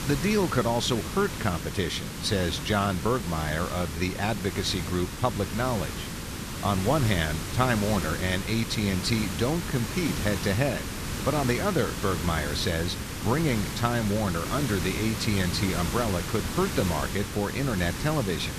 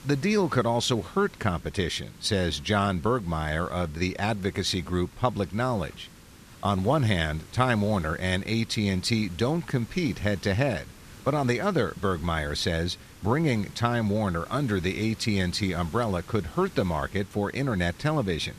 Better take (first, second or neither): second